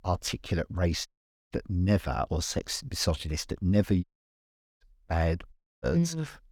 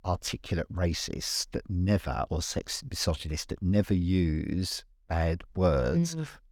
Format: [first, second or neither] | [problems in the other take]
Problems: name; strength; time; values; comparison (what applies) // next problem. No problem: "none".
second | audio cutting out; at 1 s, at 4 s for 1 s and at 5.5 s